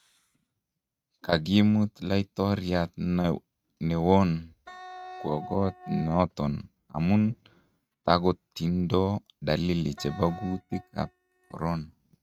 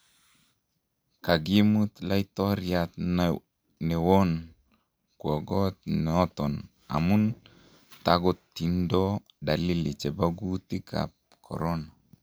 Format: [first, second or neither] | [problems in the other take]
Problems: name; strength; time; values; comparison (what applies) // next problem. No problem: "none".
second | noise reduction (neural mask model RNNoise)